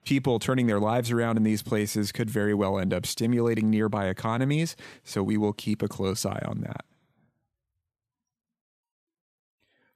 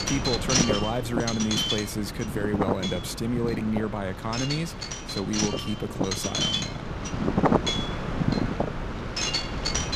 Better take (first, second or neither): first